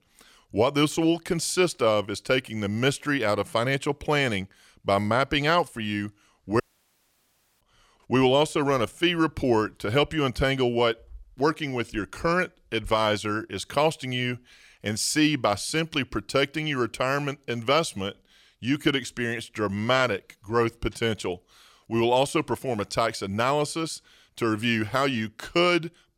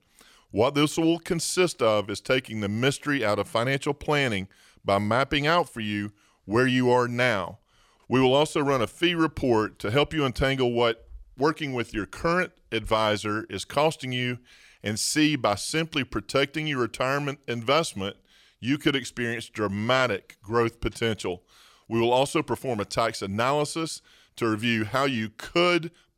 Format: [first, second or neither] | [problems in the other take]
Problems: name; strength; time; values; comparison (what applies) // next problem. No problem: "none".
second | audio cutting out; at 6.5 s for 1 s